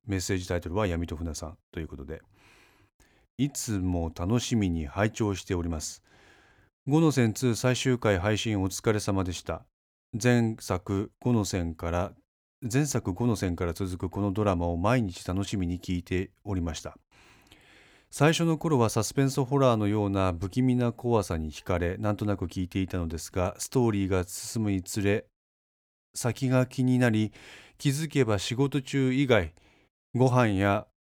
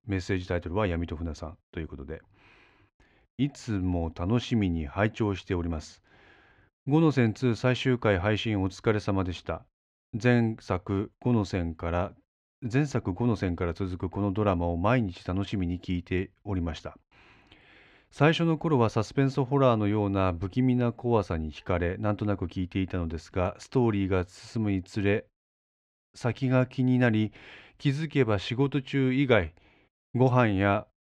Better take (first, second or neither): first